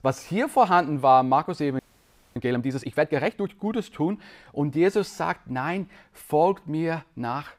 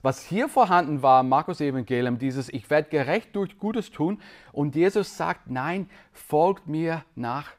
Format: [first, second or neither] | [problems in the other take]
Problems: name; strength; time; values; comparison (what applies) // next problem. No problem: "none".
second | audio freezing; at 2 s for 0.5 s